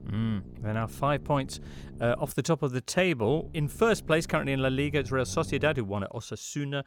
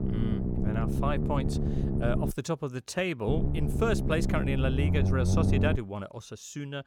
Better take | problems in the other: first | low rumble; loud; until 2.5 s and from 3.5 to 6 s; 4 dB below the speech; faint in the first

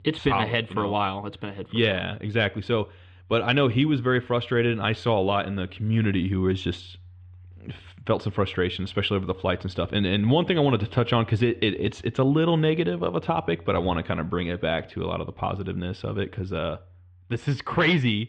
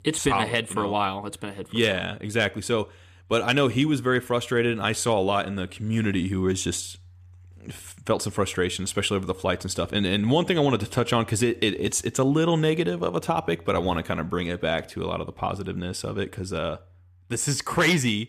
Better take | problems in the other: second | muffled; very; fading above 3.5 kHz

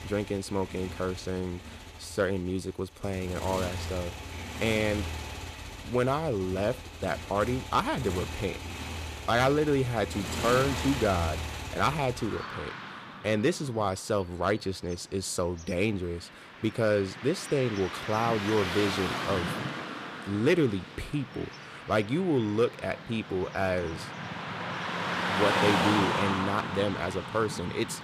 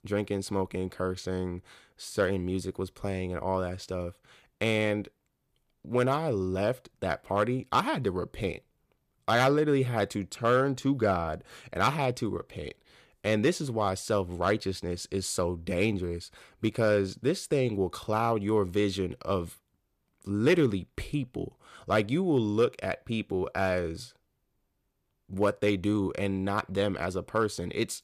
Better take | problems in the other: second | traffic noise; loud; throughout; 5 dB below the speech

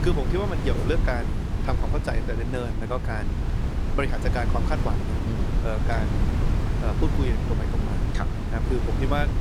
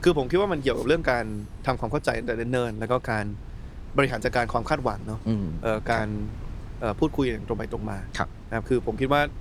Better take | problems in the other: second | wind noise on the microphone; heavy; 4 dB below the speech; occasional gusts in the second

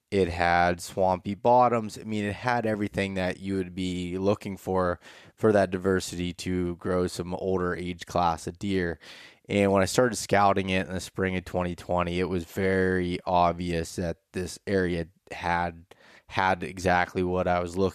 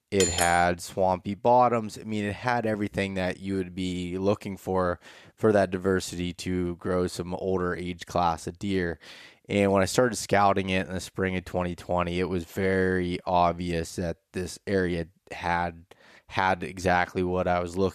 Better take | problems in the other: first | clattering dishes; loud; at the start; peak 1 dB above the speech

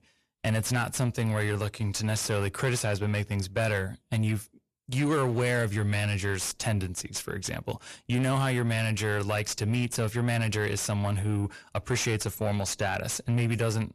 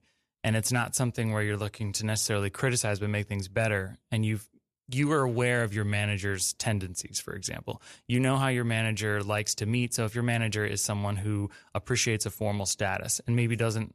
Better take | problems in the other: second | distortion; slight; 10 dB below the speech

